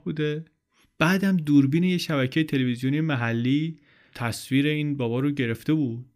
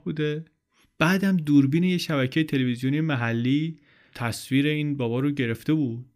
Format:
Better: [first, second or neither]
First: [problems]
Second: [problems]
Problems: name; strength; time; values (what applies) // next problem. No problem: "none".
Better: neither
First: none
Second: none